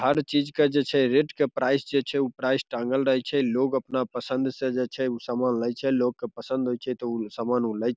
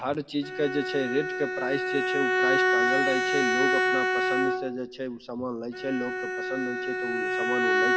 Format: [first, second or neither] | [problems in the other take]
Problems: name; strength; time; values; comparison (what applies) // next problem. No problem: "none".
first | background sound (Bowed string instrument); 4 dB above the speech // room echo; dies away in 1.9 s